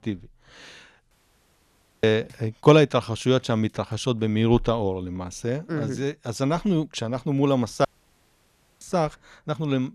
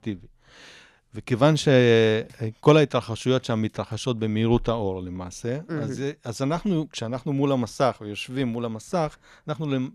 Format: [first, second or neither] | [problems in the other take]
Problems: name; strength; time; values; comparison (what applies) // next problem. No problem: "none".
second | audio cutting out; at 1 s for 1 s and at 8 s for 1 s